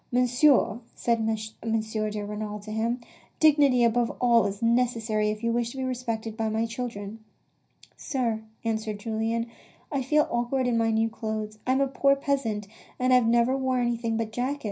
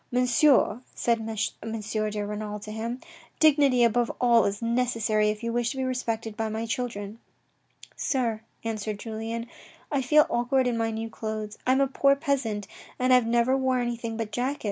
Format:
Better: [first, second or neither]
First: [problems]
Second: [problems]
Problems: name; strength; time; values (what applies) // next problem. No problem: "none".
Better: second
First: room echo; dies away in 0.4 s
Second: none